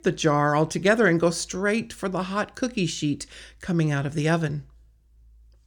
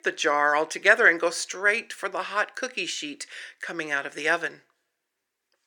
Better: first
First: none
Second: thin; very; fading below 450 Hz

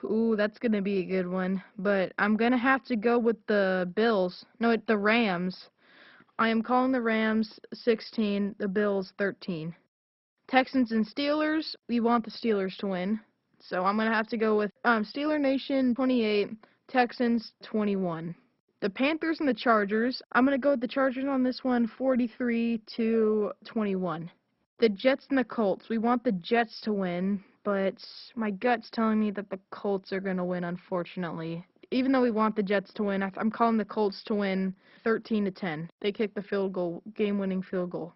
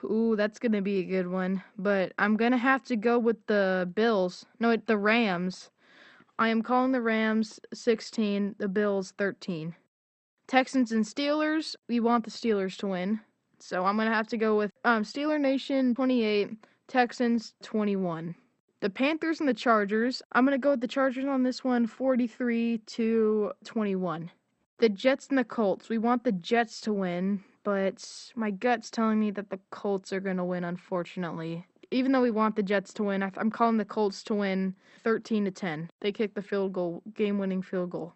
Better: second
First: garbled, watery; badly; nothing above 5.5 kHz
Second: garbled, watery; slightly; nothing above 8 kHz

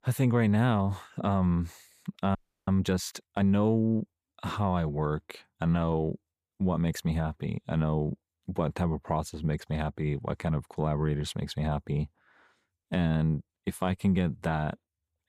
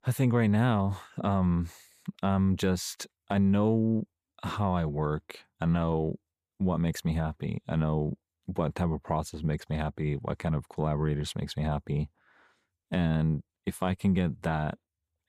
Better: second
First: audio freezing; at 2.5 s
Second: none

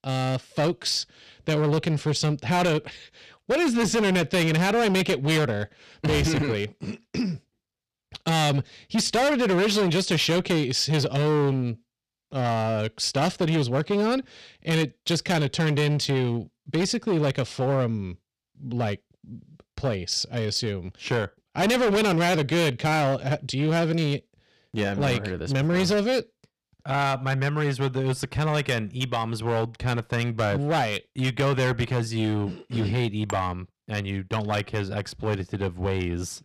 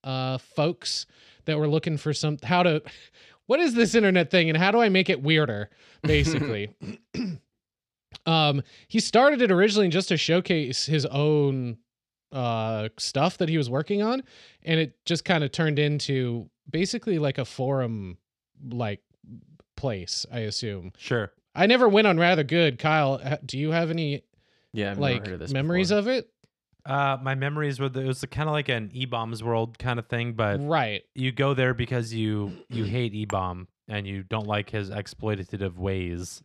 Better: second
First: distortion; heavy; 14% of the sound clipped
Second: none

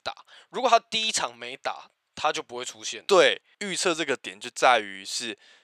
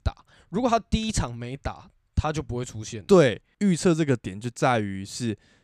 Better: second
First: thin; very; fading below 650 Hz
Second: none

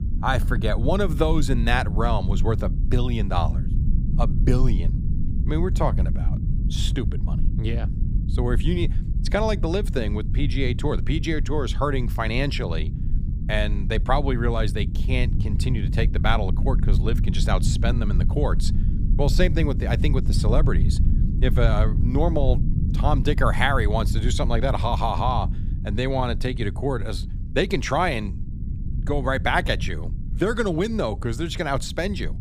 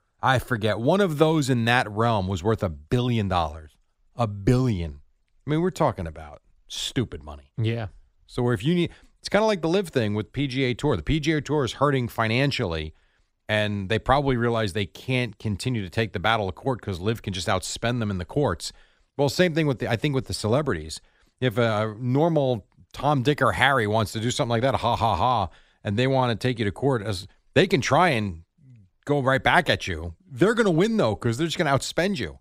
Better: second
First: low rumble; noticeable; throughout; 15 dB below the speech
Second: none

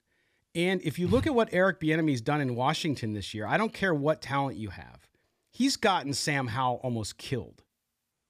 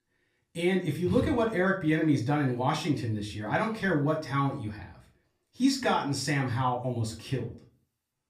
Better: first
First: none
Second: off-mic speech; far // room echo; slight; dies away in 0.3 s

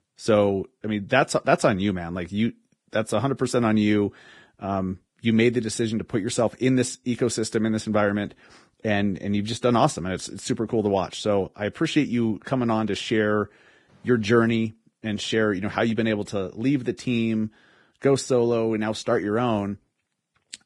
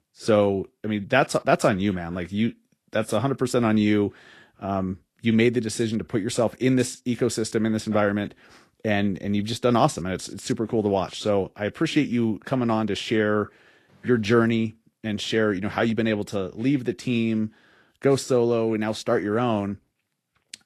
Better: second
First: garbled, watery; badly; nothing above 10.5 kHz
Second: garbled, watery; slightly; nothing above 11.5 kHz

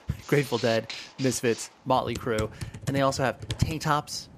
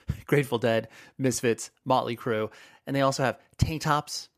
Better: second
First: household noises; noticeable; throughout; 10 dB below the speech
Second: none

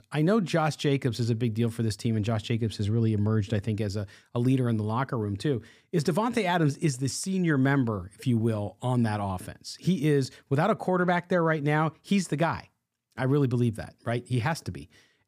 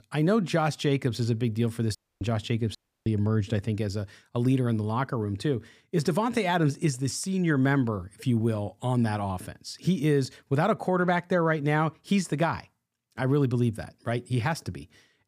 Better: first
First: none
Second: audio cutting out; at 2 s and at 3 s

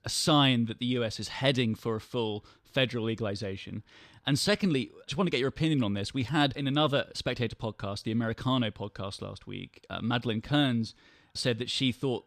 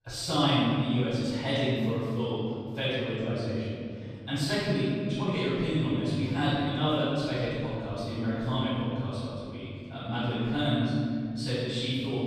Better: first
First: none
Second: room echo; strong; dies away in 2.4 s // off-mic speech; far

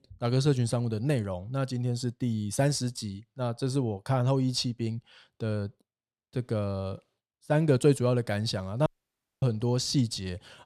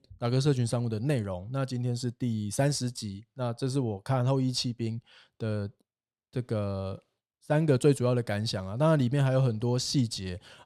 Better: second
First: audio cutting out; at 9 s for 0.5 s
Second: none

